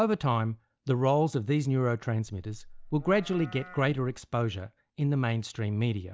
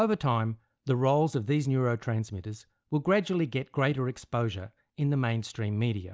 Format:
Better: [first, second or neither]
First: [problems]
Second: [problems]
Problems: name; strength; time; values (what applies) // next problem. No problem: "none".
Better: second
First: background sound (Livestock, farm animals, working animals); 18 dB below the speech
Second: none